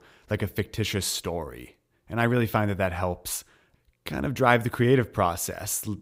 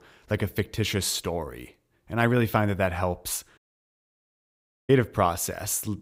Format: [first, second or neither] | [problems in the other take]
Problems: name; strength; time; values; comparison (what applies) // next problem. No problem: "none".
first | audio cutting out; at 3.5 s for 1.5 s